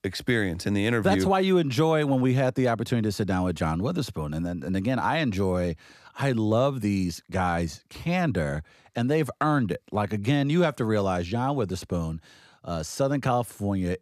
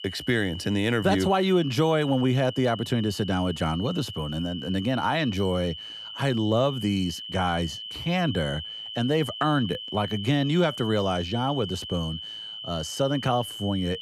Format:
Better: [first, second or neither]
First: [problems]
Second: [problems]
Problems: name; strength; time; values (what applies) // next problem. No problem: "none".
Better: first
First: none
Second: high-pitched whine; loud; throughout; 3 kHz, 10 dB below the speech